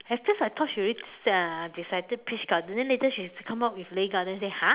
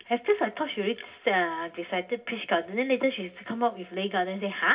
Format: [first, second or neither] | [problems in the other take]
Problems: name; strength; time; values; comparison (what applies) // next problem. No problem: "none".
first | room echo; dies away in 0.4 s